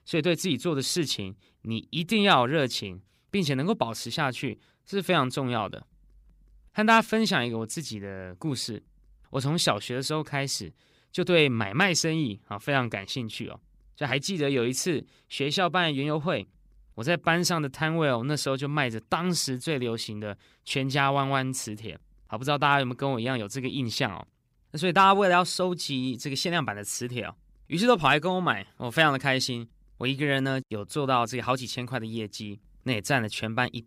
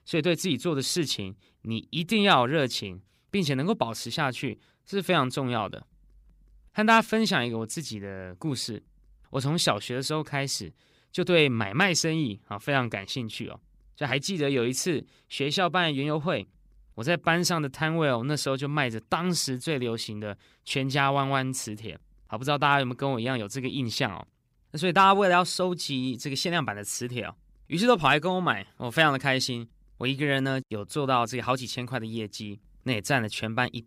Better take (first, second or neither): neither